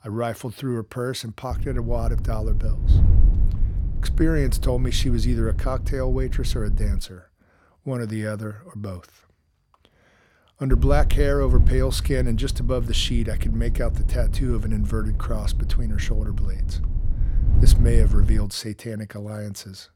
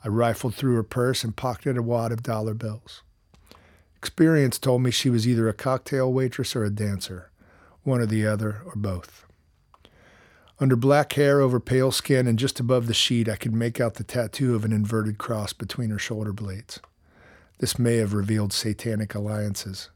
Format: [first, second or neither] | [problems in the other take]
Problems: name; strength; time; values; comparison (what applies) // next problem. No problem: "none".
second | wind noise on the microphone; occasional gusts; from 1.5 to 7 s and from 11 to 18 s; 10 dB below the speech